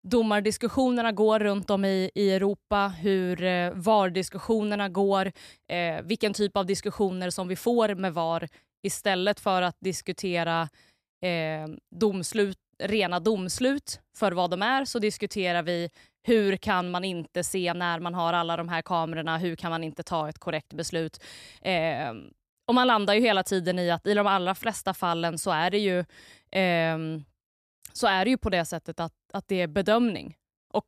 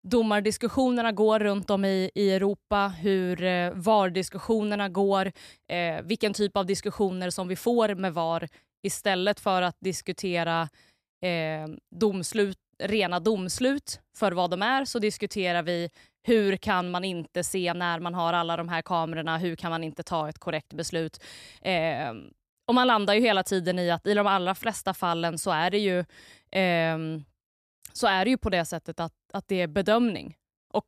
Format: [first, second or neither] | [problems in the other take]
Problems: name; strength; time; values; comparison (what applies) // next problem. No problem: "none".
neither | none